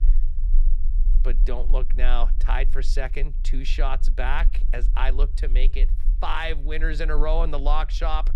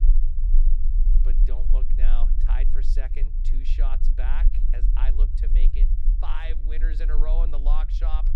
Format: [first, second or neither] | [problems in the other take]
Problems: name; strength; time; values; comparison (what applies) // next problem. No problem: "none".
first | low rumble; loud; throughout; 9 dB below the speech; faint in the first